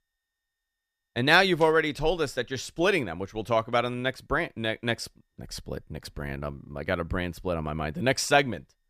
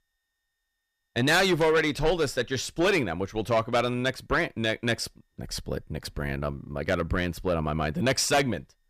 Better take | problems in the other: first | distortion; heavy; 8 dB below the speech

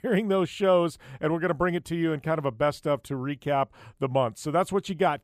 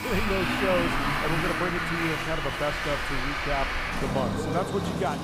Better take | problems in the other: first | traffic noise; very loud; throughout; 3 dB above the speech

